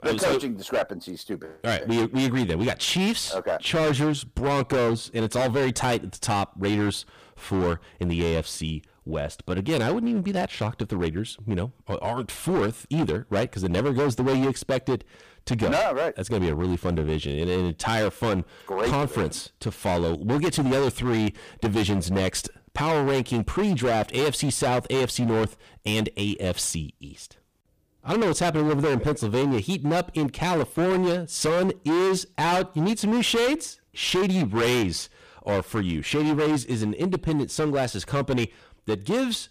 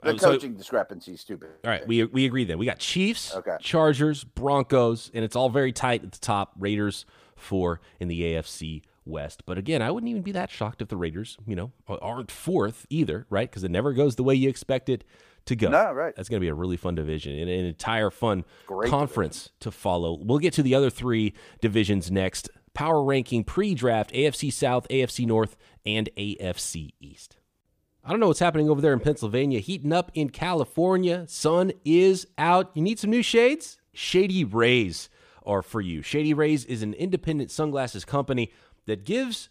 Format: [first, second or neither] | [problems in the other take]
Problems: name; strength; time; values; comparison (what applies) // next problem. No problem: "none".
second | distortion; heavy; 19% of the sound clipped